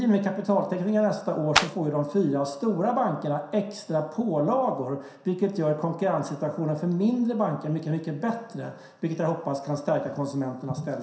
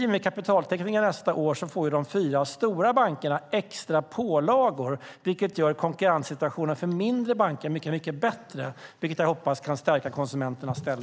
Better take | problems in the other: second | background sound (Clapping); 1 dB above the speech // room echo; dies away in 0.7 s

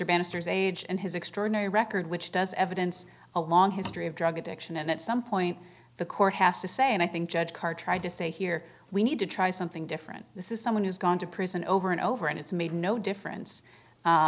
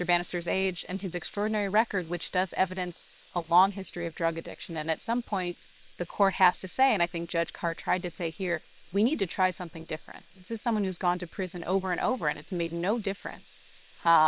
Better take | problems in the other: first | noise reduction (neural separator model SepFormer WHAM!)

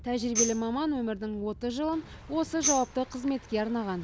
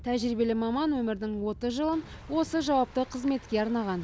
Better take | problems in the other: second | background sound (Tambourine); 5 dB below the speech

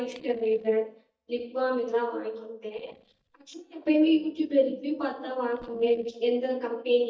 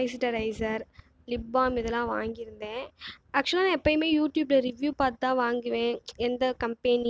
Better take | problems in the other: second | noise reduction (neural mask model DeepFilterNet 3)

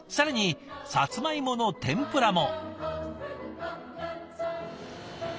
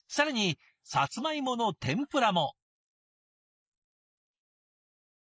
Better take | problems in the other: first | noise reduction (neural mask model Resemble Enhance denoiser)

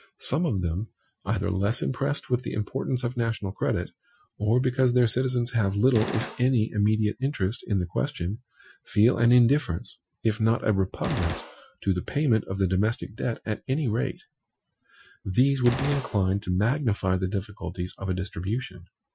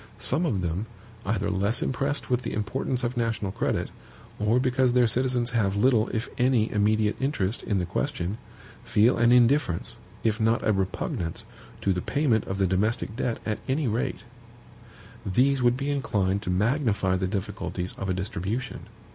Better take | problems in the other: second | noise reduction (classical method Wiener filter)

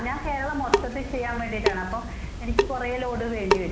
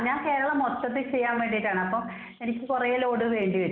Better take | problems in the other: second | background sound (Drip / Sink (filling or washing) / Water tap, faucet); 1 dB above the speech

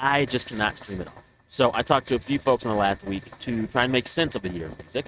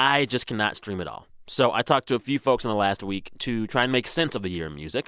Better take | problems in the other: second | noise reduction (neural mask model RNNoise)

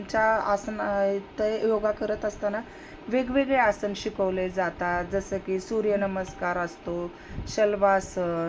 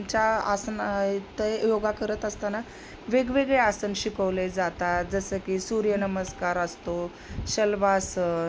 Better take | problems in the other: second | room echo; dies away in 0.2 s

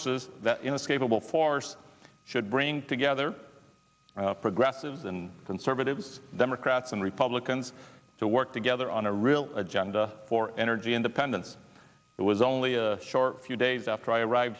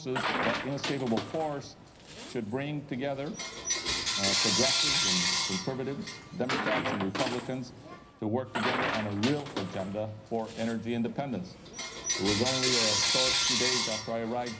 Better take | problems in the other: first | background sound (Coin (dropping) / Bell); 2 dB above the speech // room echo; dies away in 0.5 s

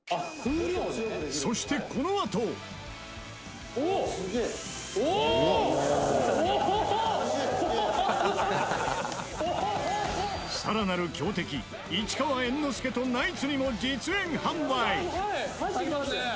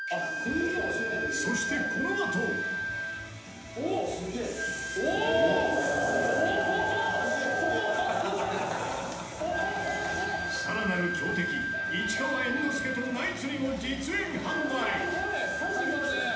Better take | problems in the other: first | background sound (Wind instrument, woodwind instrument); 3 dB below the speech // room echo; dies away in 0.9 s

